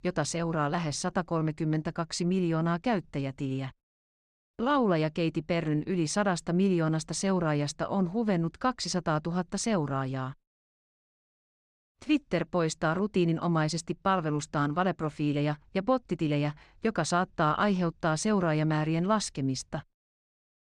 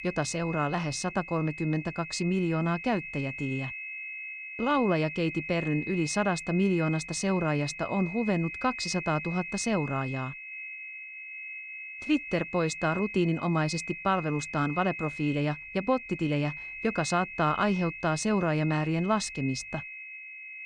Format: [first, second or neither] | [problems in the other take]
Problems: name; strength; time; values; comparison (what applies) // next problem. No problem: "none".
first | high-pitched whine; loud; throughout; 2.5 kHz, 9 dB below the speech